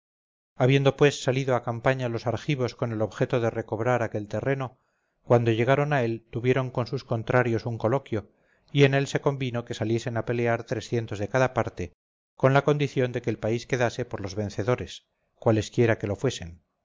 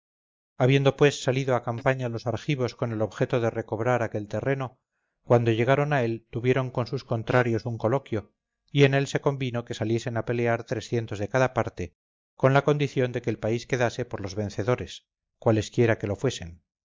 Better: first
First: none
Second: noise reduction (neural mask model DeepFilterNet 3)

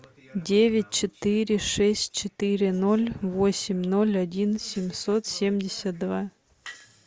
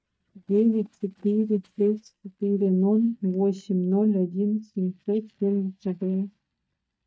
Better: first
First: none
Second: noise reduction (neural mask model DeepFilterNet 3)

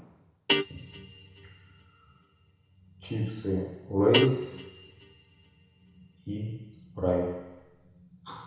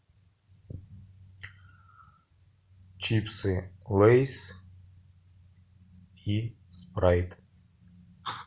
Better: second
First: background sound (Guitar); 4 dB below the speech // room echo; dies away in 1 s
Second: none

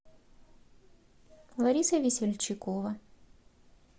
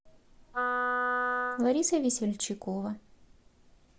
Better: first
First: none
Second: background sound (Wind instrument, woodwind instrument); 1 dB above the speech

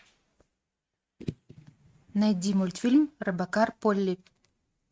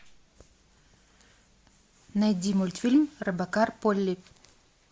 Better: second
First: noise reduction (neural mask model RNNoise)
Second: none

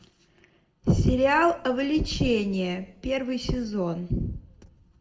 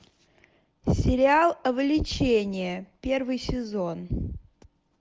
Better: second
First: room echo; dies away in 0.5 s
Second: none

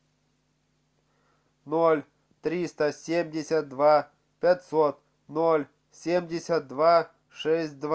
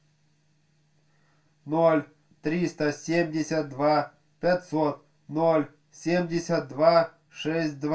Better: first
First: none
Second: room echo; dies away in 0.2 s

